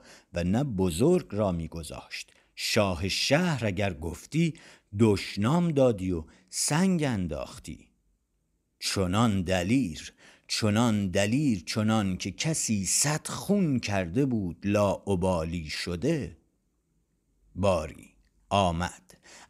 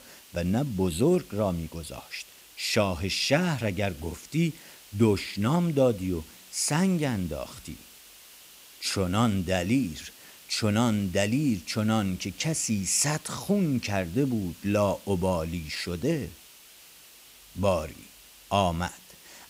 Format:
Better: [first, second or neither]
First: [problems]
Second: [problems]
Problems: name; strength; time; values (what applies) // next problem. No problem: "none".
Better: first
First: none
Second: hiss; faint; throughout; 20 dB below the speech